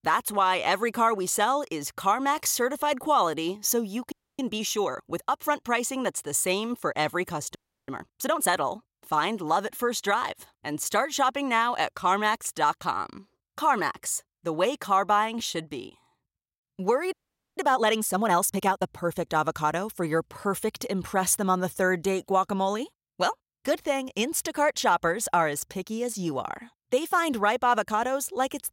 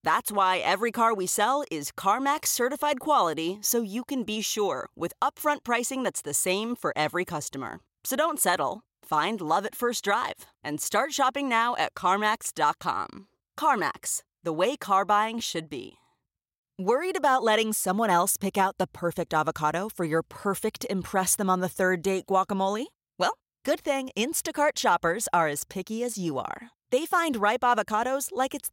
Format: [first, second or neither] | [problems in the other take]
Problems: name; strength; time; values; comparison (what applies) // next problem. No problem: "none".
second | audio freezing; at 4 s, at 7.5 s and at 17 s